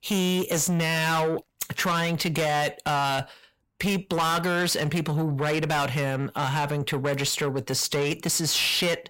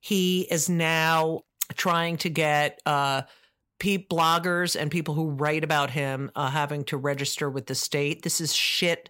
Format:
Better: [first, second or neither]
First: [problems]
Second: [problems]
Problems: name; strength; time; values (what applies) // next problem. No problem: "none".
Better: second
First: distortion; heavy; 7 dB below the speech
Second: none